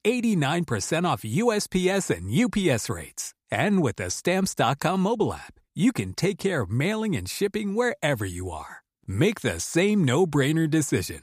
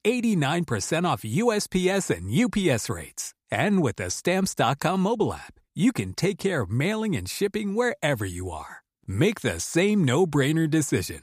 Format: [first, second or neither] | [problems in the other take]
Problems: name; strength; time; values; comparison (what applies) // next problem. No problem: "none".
neither | none